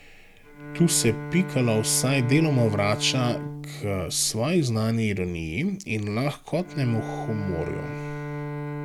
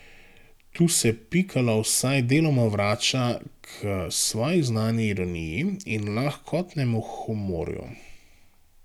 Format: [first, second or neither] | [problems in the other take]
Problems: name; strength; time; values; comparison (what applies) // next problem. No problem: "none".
second | background sound (Bowed string instrument); 9 dB below the speech